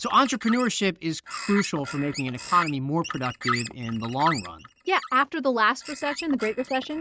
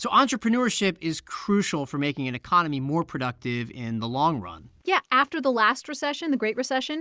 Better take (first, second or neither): second